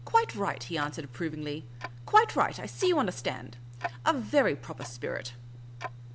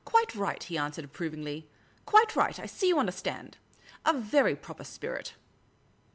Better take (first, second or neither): second